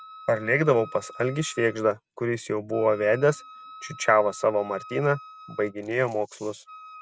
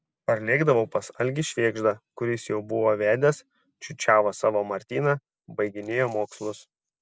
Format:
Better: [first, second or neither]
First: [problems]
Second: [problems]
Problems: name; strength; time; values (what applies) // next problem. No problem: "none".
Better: second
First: background sound (Wind instrument, woodwind instrument); 20 dB below the speech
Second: none